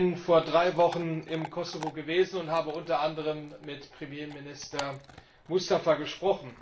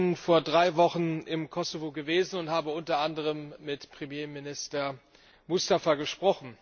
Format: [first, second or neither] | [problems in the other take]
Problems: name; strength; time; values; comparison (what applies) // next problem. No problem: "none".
second | background sound (Chewing, mastication / Dog); 19 dB below the speech // room echo; dies away in 0.3 s